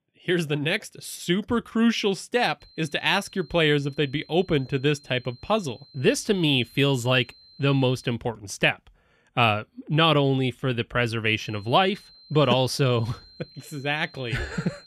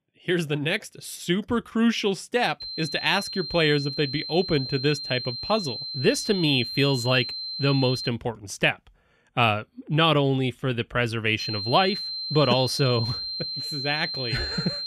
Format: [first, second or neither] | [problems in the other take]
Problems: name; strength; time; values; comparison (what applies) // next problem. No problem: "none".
first | high-pitched whine; loud; from 2.5 to 8 s and from 11 s on; 4 kHz, 6 dB below the speech; faint in the first